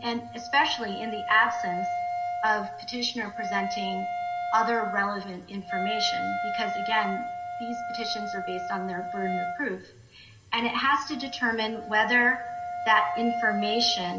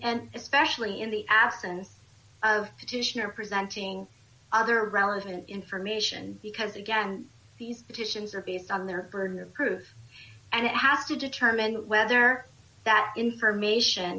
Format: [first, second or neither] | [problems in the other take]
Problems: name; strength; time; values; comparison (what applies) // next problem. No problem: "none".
second | background sound (Wind instrument, woodwind instrument); 4 dB below the speech // room echo; dies away in 1.3 s